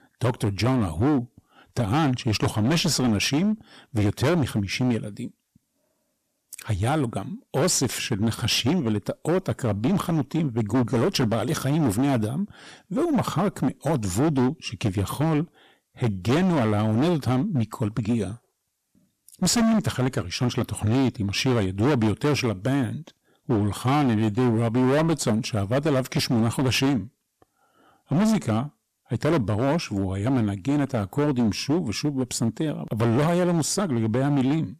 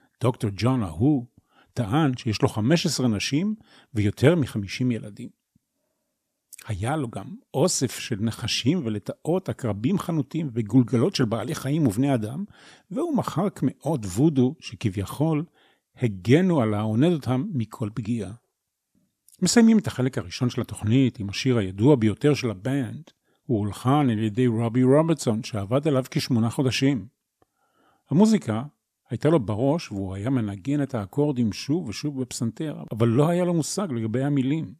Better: second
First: distortion; heavy; 16% of the sound clipped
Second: none

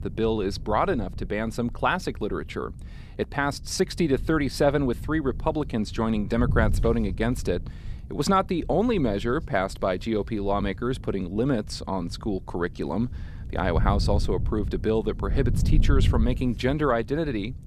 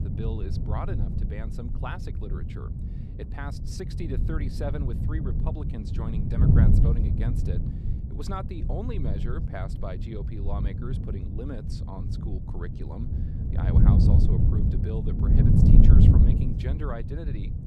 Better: first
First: wind noise on the microphone; occasional gusts; 20 dB below the speech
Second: wind noise on the microphone; heavy; 2 dB above the speech

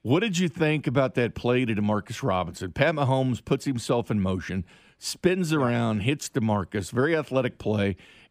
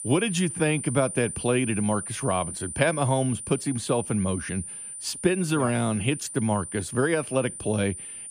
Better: first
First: none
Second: high-pitched whine; loud; throughout; 9 kHz, 8 dB below the speech

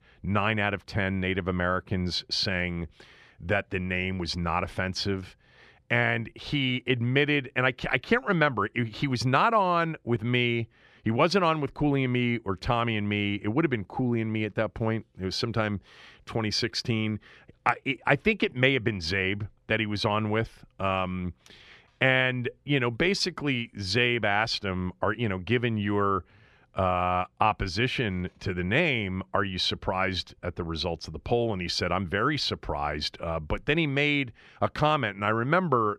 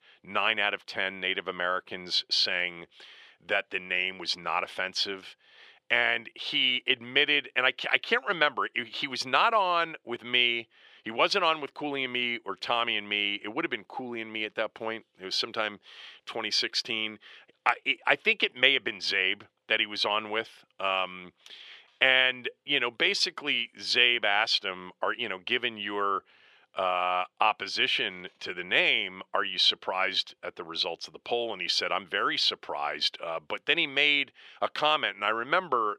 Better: first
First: none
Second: thin; somewhat; fading below 450 Hz

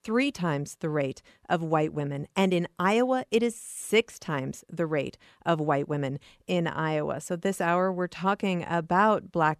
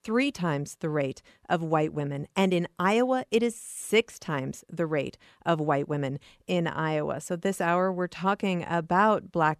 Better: neither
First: none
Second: none

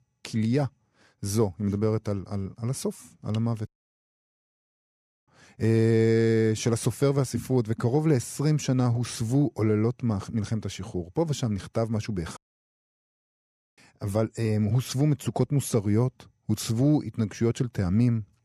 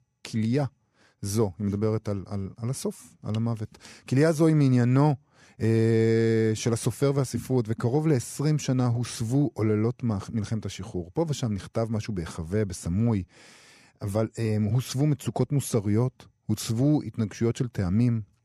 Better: second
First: audio cutting out; at 3.5 s for 1.5 s and at 12 s for 1.5 s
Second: none

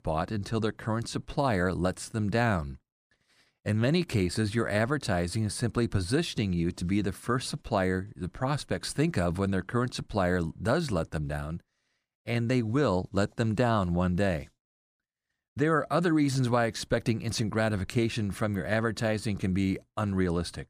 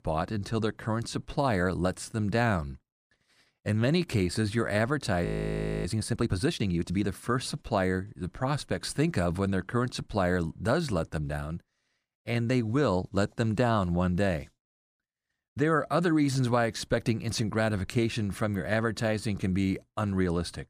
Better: first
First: none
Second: audio freezing; at 5.5 s for 0.5 s

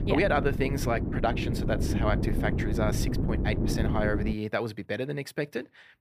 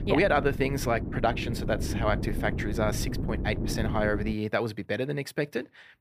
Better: second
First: wind noise on the microphone; heavy; until 4.5 s; 6 dB below the speech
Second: wind noise on the microphone; occasional gusts; until 4.5 s; 10 dB below the speech

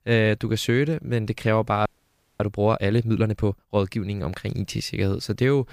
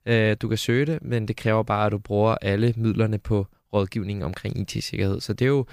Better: second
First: audio freezing; at 2 s for 0.5 s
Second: none

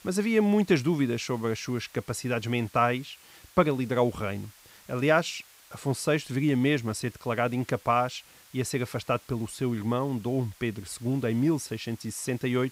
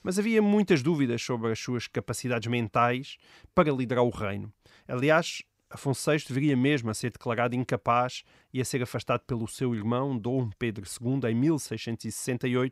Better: second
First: hiss; faint; throughout; 25 dB below the speech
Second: none

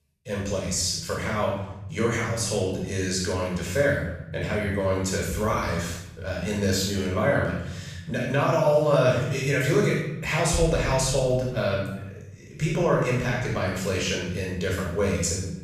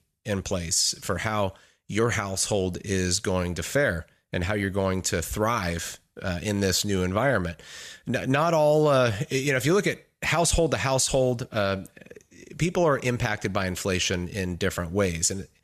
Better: second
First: off-mic speech; far // room echo; noticeable; dies away in 1 s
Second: none

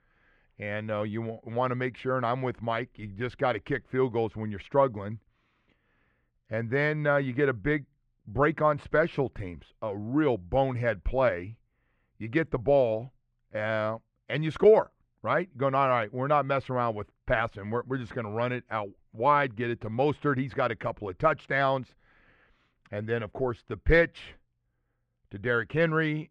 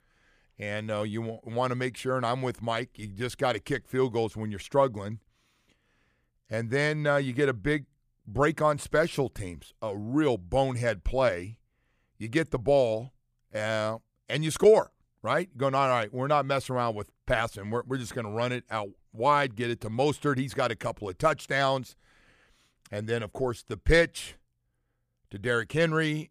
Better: second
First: muffled; slightly; fading above 2 kHz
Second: none

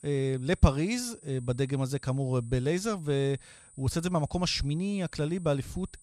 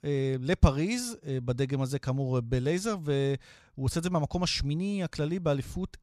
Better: second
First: high-pitched whine; faint; throughout; 9 kHz, 25 dB below the speech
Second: none

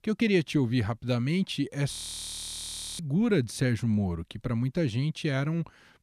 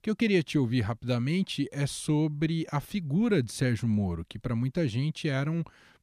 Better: second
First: audio freezing; at 2 s for 1 s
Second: none

